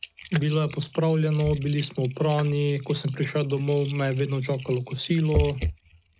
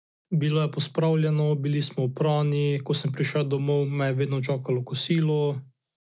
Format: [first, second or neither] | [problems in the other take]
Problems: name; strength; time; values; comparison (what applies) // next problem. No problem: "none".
second | noise reduction (neural mask model RNNoise)